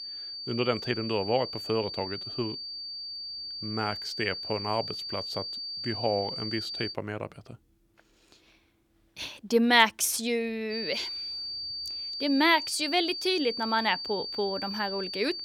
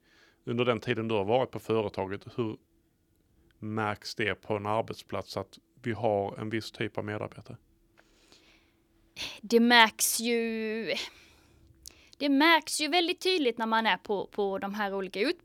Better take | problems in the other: second | high-pitched whine; loud; until 7 s and from 11 s on; 4.5 kHz, 5 dB below the speech

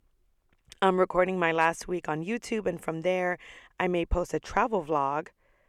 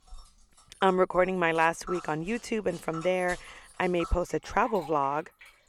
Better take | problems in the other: first | household noises; noticeable; throughout; 20 dB below the speech

